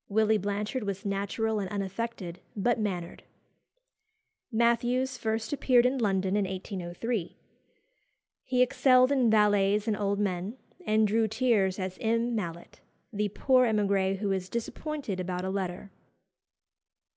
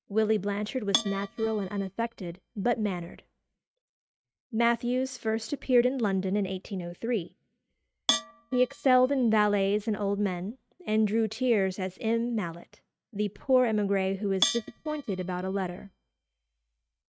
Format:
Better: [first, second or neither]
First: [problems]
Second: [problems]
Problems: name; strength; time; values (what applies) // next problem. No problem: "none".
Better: first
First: none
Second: noise reduction (neural mask model RNNoise)